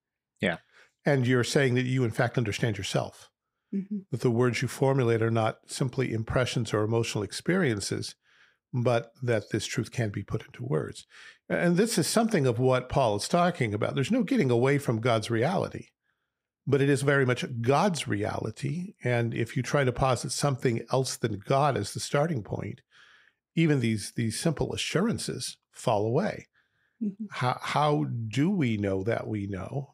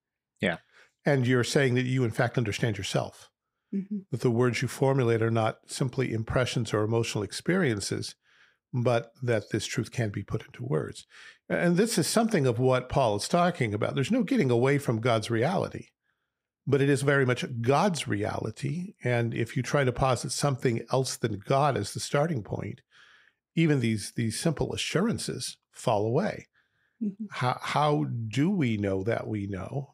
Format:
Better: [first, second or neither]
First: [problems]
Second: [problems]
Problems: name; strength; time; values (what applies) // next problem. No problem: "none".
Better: neither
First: none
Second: none